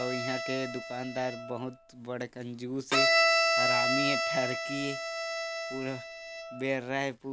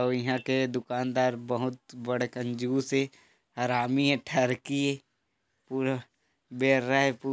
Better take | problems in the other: second | background sound (Bowed string instrument); 4 dB above the speech

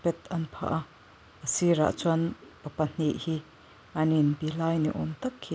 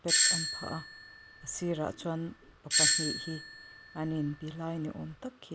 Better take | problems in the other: first | background sound (Doorbell); 5 dB above the speech

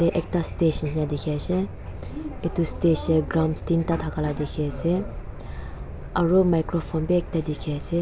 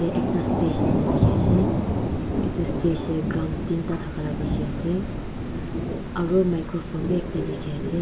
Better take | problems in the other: first | background sound (Thunder / Rain); 1 dB above the speech // room echo; dies away in 1.3 s

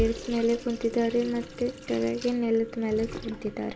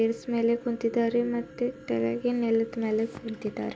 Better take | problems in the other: second | background sound (Sink (filling or washing) / Water tap, faucet); 12 dB below the speech

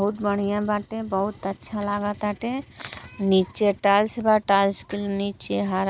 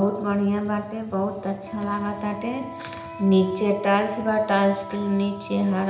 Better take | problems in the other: first | background sound (Wind instrument, woodwind instrument); 15 dB below the speech // room echo; dies away in 0.8 s

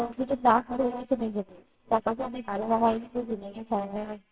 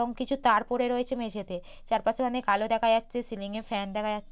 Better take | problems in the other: second | noise reduction (neural separator model SepFormer WHAMR!)

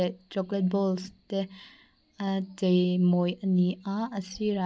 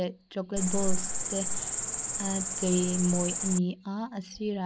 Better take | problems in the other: first | background sound (Cricket); 2 dB above the speech

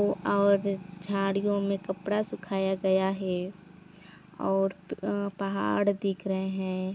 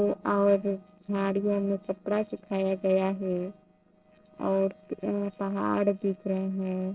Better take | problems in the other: first | noise reduction (neural separator model SepFormer DNS4)

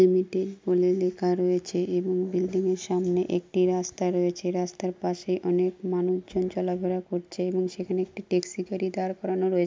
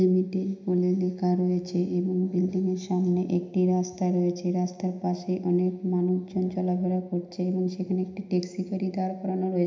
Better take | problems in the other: first | room echo; dies away in 0.9 s

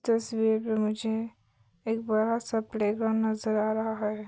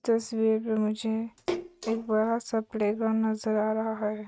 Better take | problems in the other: first | noise reduction (neural mask model RNNoise)

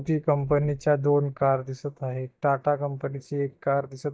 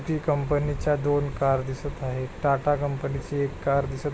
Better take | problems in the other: second | noise reduction (neural mask model DeepFilterNet 3)

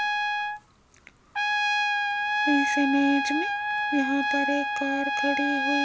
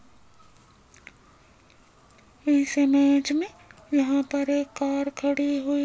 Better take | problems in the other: second | background sound (Trumpet); 2 dB above the speech

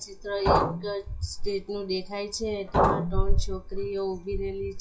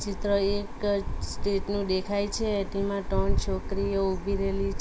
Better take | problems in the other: second | noise reduction (classical method WPE with log-MMSE)

